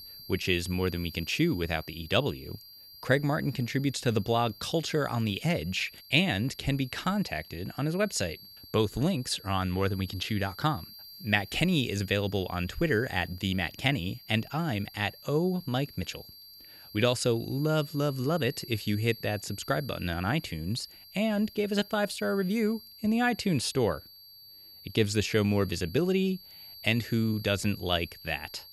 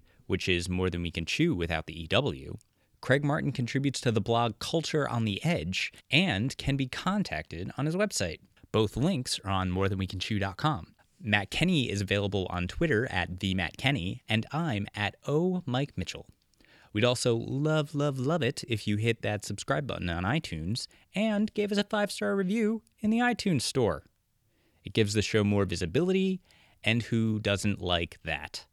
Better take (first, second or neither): second